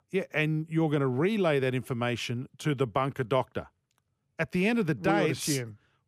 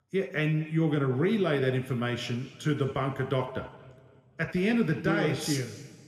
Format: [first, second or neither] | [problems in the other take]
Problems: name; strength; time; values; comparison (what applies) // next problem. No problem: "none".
first | room echo; slight; dies away in 1.7 s